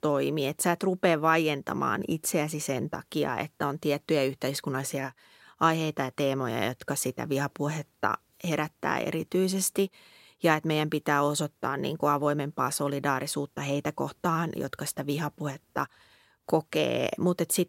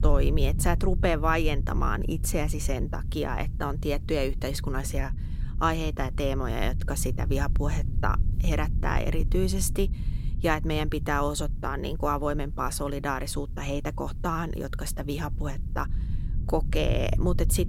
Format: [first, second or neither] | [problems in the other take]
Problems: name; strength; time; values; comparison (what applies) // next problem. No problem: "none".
first | low rumble; noticeable; throughout; 15 dB below the speech